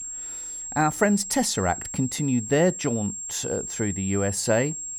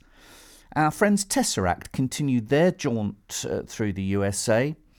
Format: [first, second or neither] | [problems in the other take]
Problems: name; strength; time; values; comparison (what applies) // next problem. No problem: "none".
second | high-pitched whine; loud; throughout; 7.5 kHz, 7 dB below the speech